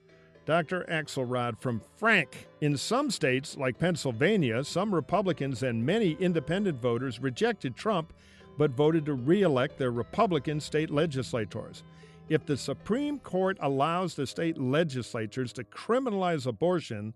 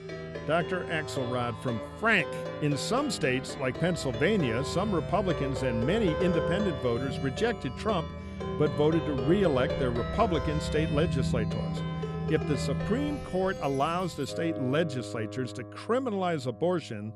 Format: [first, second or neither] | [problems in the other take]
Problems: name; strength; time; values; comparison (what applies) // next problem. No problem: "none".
first | background music; loud; throughout; 5 dB below the speech; faint in the first